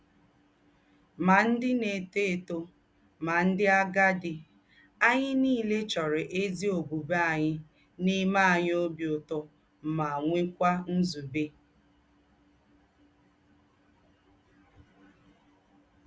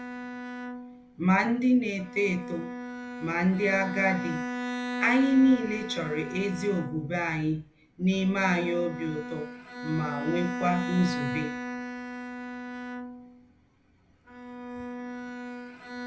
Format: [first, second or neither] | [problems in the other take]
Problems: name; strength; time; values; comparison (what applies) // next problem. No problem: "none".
first | background sound (Bowed string instrument); 8 dB below the speech // room echo; dies away in 0.3 s